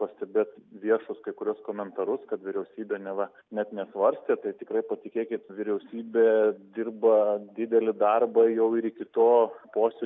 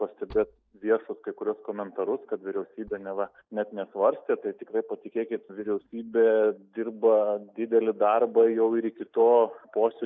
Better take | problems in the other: first | noise reduction (neural mask model DeepFilterNet 3)

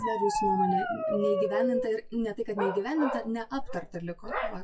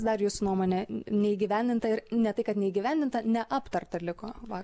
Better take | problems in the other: second | noise reduction (classical method WPE with log-MMSE)

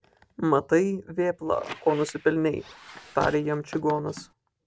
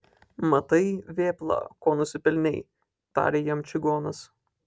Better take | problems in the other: second | background sound (Squeak); 15 dB below the speech

